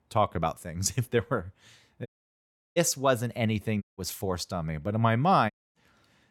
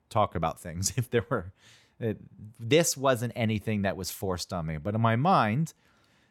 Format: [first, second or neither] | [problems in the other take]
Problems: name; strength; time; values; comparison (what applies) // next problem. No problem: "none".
second | audio cutting out; at 2 s for 0.5 s, at 4 s and at 5.5 s